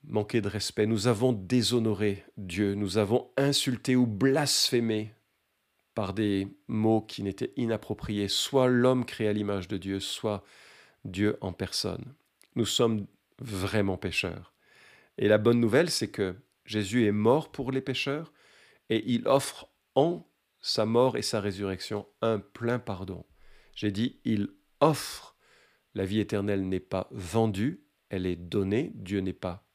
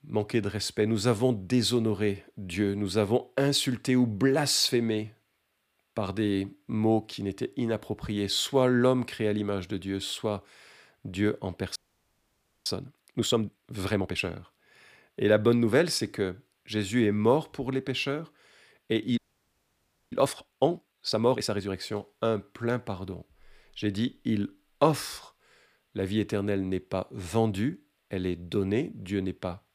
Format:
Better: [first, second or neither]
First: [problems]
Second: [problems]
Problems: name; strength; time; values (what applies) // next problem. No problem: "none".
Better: first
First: none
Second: audio freezing; at 12 s for 1 s and at 19 s for 1 s